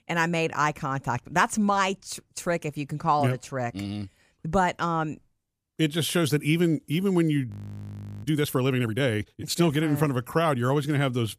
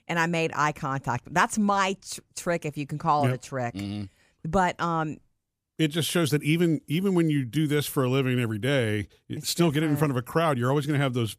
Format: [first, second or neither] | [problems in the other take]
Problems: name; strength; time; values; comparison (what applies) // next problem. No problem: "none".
second | audio freezing; at 7.5 s for 0.5 s